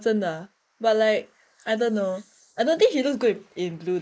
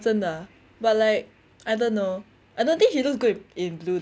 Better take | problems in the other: second | noise reduction (neural mask model Resemble Enhance denoiser)

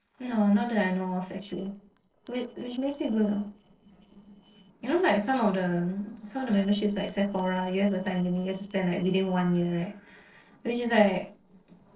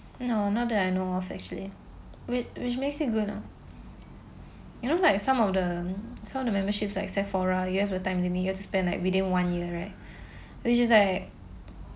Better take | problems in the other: second | noise reduction (neural separator model SepFormer DNS4)

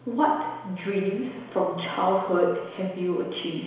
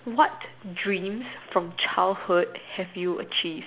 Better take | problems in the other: second | room echo; dies away in 1 s

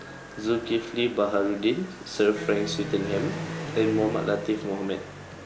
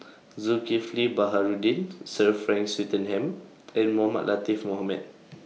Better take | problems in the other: second | background sound (Electric guitar + Motorcycle); 10 dB below the speech

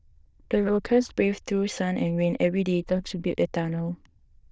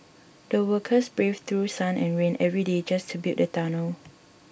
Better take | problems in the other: second | noise reduction (neural diffusion model UNIVERSE++)

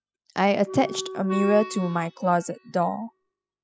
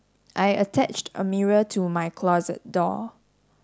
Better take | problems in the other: second | noise reduction (classical method spectral subtraction)

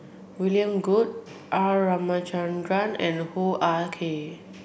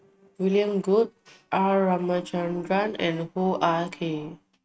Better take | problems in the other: first | noise reduction (neural mask model RNNoise)

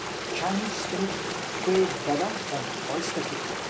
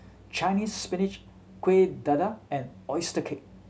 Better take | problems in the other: second | background sound (Stream); 1 dB below the speech

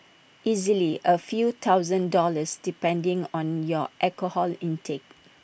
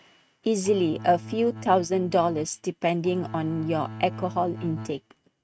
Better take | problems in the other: first | noise reduction (neural mask model RNNoise)

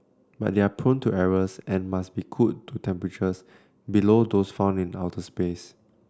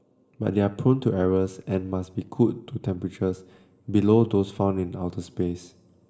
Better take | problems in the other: first | room echo; dies away in 0.9 s

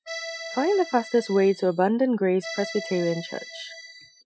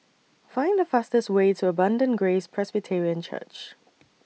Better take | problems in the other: second | noise reduction (classical method Wiener filter)

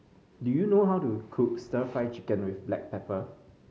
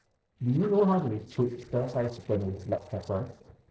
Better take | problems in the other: first | noise reduction (neural separator model SepFormer DNS4)

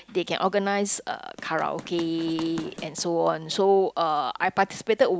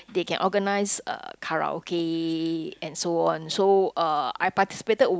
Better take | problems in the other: second | background sound (Run); 16 dB below the speech

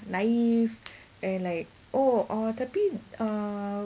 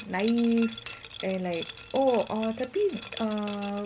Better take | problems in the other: first | background sound (Liquid); 15 dB below the speech

